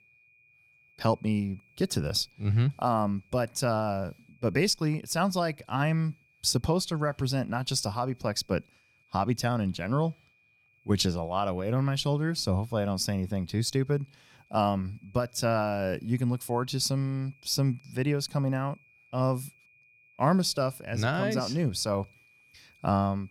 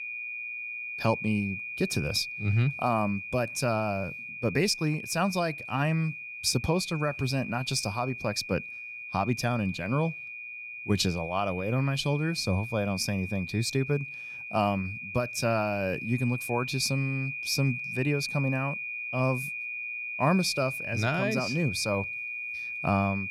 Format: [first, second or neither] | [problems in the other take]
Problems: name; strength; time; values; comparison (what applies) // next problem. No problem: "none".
first | high-pitched whine; loud; throughout; 2.5 kHz, 6 dB below the speech; faint in the first